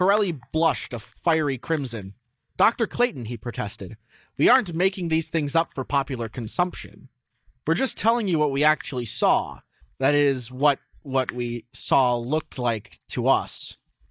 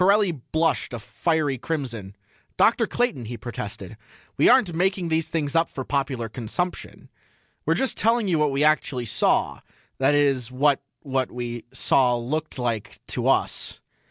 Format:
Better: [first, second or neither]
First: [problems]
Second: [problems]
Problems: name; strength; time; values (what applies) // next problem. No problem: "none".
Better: second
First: noise reduction (neural mask model DeepFilterNet 3)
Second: none